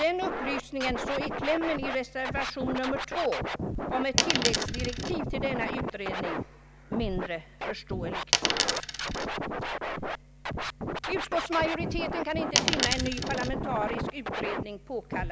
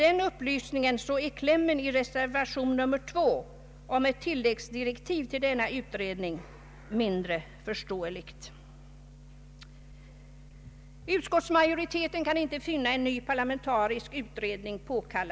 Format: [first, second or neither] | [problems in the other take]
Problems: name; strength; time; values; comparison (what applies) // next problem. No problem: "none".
second | background sound (Scratching (performance technique) + Coin (dropping)); 1 dB above the speech